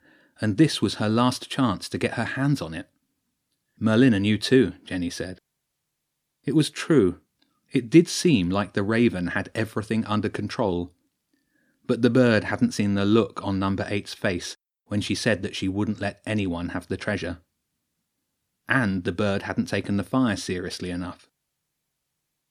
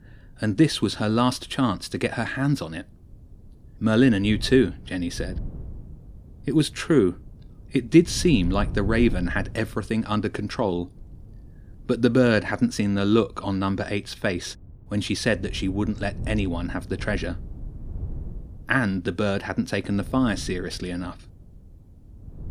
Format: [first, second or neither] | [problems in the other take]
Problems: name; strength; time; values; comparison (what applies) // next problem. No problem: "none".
first | wind noise on the microphone; occasional gusts; 25 dB below the speech